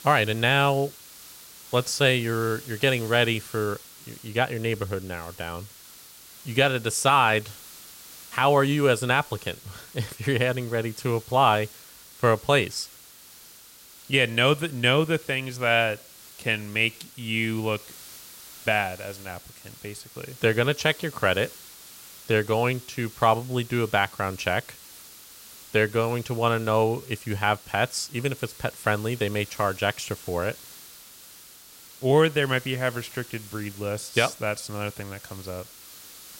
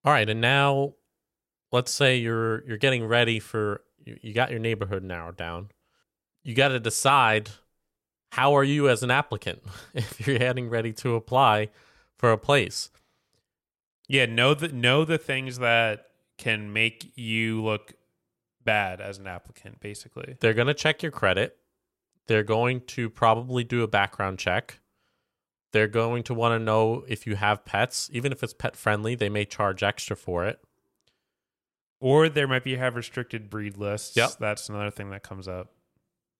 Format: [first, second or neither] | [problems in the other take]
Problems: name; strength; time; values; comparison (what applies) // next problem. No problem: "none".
second | hiss; noticeable; throughout; 20 dB below the speech